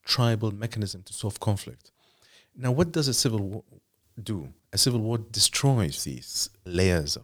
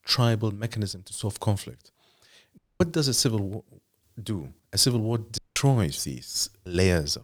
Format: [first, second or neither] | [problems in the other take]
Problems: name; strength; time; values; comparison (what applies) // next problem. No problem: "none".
first | audio cutting out; at 2.5 s and at 5.5 s